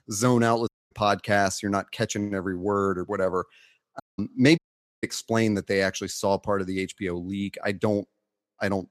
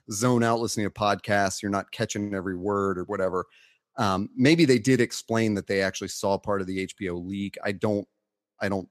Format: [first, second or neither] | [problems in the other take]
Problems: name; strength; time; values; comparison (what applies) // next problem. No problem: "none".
second | audio cutting out; at 0.5 s, at 4 s and at 4.5 s